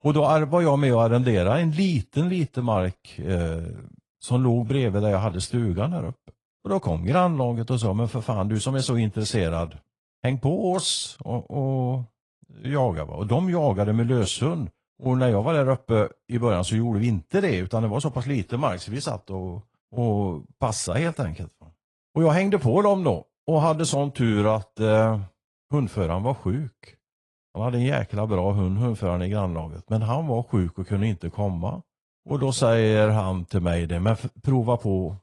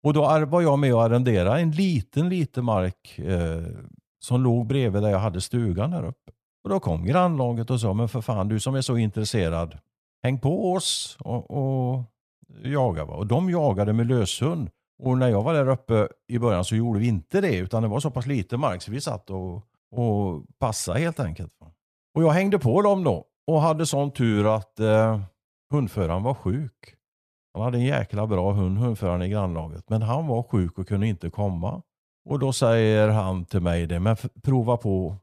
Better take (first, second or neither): second